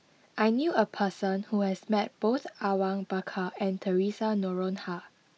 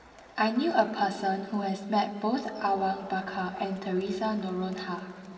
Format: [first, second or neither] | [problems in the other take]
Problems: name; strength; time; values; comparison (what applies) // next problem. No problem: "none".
first | background sound (Crowd); 20 dB below the speech // room echo; dies away in 2.7 s